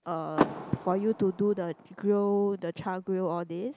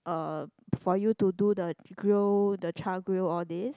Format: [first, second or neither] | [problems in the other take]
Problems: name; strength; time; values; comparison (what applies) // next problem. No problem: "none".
second | background sound (Car); 8 dB below the speech